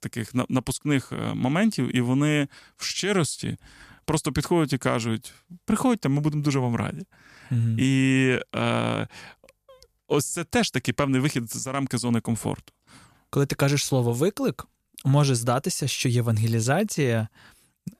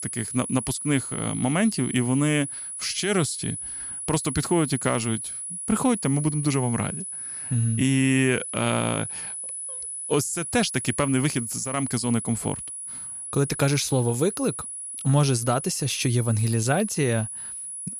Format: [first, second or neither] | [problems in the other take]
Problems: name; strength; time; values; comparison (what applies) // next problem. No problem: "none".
first | high-pitched whine; loud; throughout; 10 kHz, 6 dB below the speech